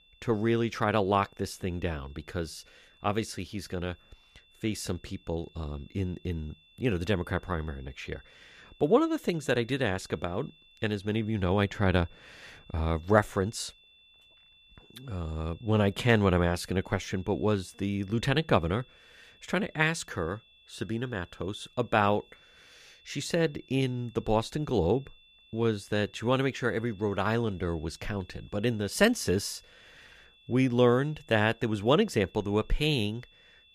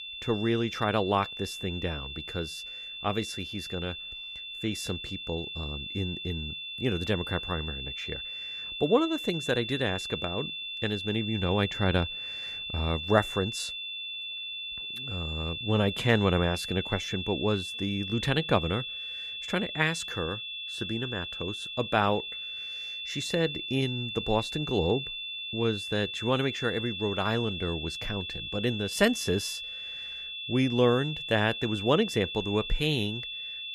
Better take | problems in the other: first | high-pitched whine; loud; throughout; 3.5 kHz, 5 dB below the speech; faint in the first

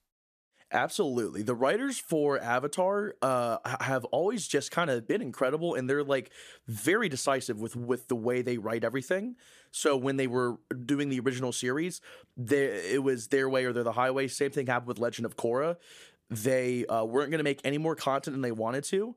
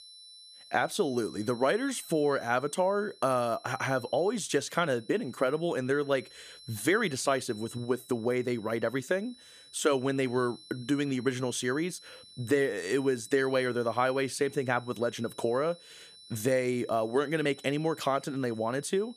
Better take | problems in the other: first | high-pitched whine; faint; throughout; 4 kHz, 20 dB below the speech

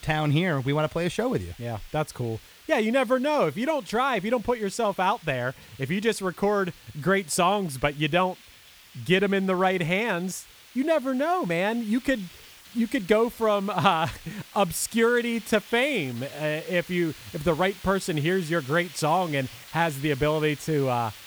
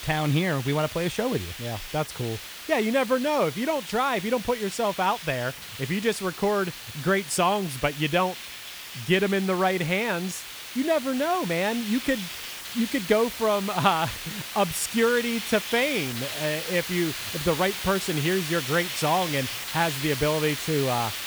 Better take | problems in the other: first | hiss; loud; throughout; 8 dB below the speech; faint in the first

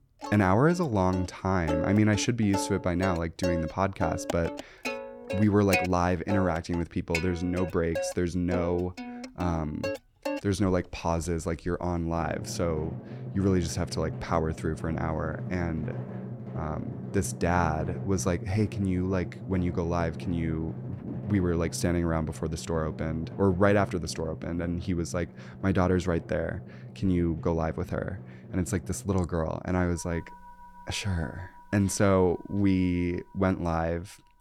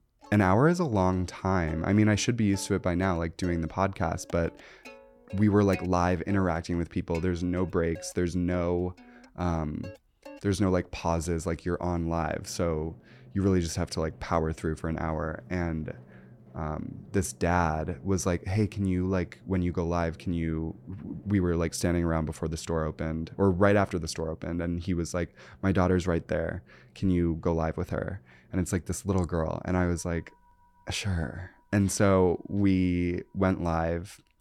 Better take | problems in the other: second | background music; loud; throughout; 9 dB below the speech; faint in the second

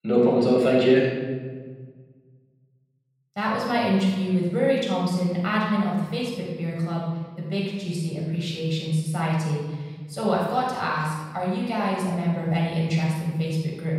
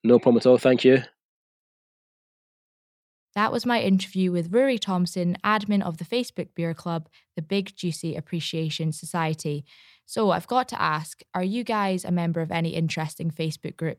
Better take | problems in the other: second | off-mic speech; far // room echo; noticeable; dies away in 1.5 s

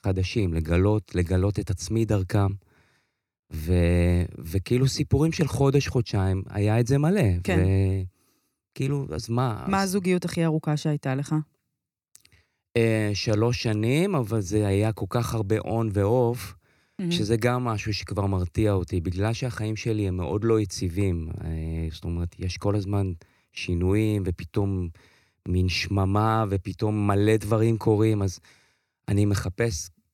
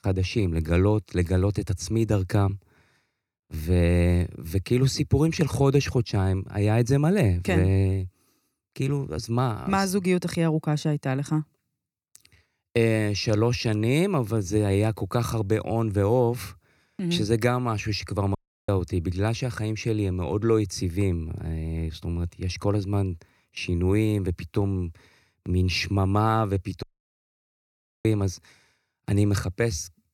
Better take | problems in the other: first | audio cutting out; at 18 s and at 27 s for 1 s

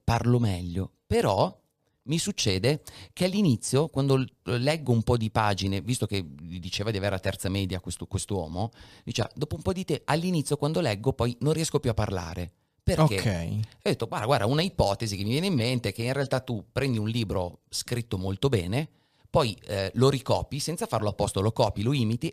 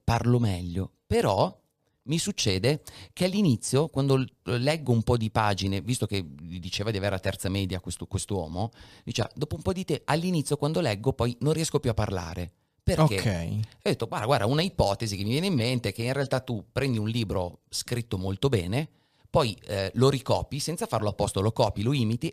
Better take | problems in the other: neither | none

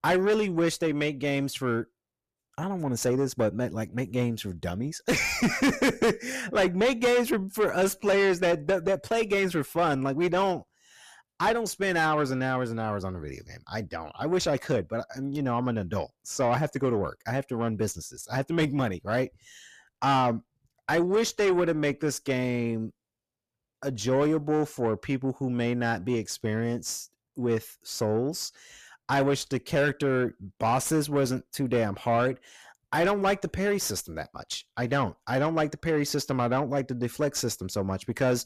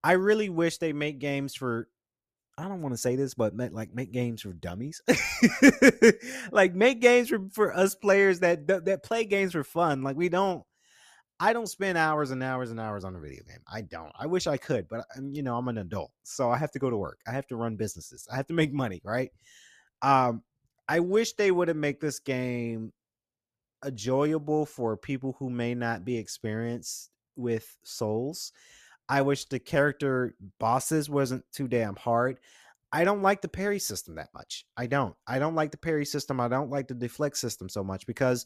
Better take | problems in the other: second | distortion; heavy; 7 dB below the speech

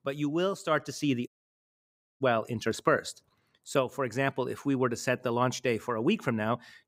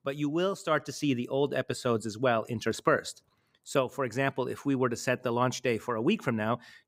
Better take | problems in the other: second | audio cutting out; at 1.5 s for 1 s

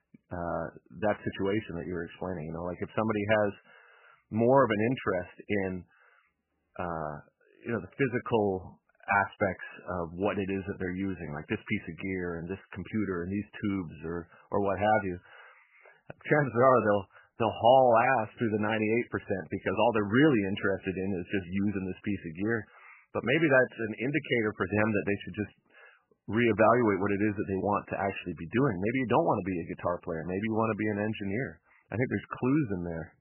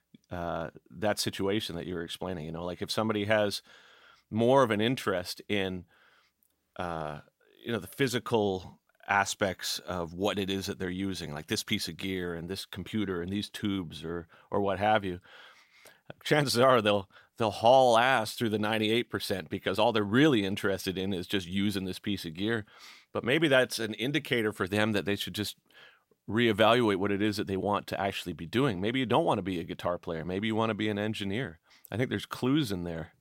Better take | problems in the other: second | garbled, watery; badly; nothing above 3 kHz

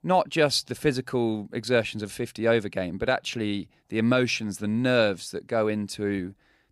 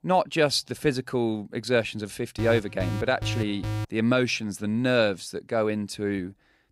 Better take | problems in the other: first | alarm; noticeable; from 2.5 to 4 s; peak 6 dB below the speech

